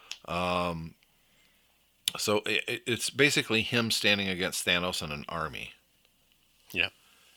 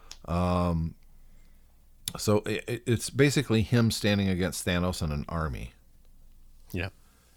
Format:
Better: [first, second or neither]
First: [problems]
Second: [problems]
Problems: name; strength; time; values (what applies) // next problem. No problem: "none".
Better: second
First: thin; somewhat; fading below 450 Hz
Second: none